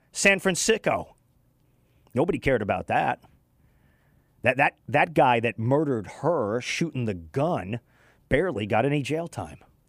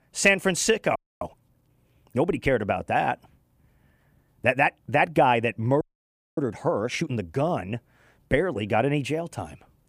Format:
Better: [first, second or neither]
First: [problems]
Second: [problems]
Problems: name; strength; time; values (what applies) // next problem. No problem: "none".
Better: first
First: none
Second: audio freezing; at 1 s and at 6 s for 0.5 s